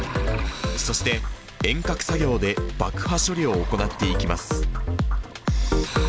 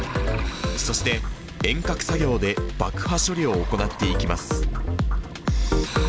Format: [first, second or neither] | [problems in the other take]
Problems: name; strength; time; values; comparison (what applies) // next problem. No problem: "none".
first | background sound (Wind instrument, woodwind instrument); 15 dB below the speech